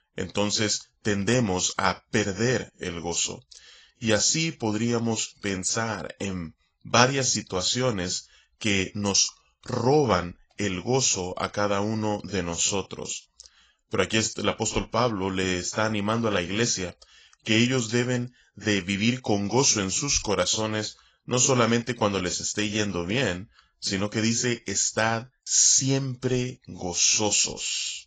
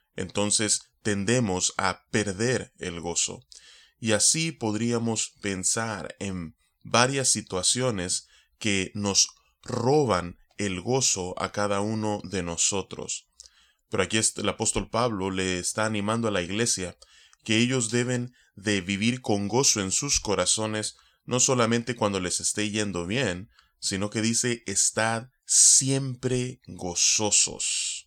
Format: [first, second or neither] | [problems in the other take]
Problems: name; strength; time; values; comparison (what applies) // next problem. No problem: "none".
second | garbled, watery; badly; nothing above 7.5 kHz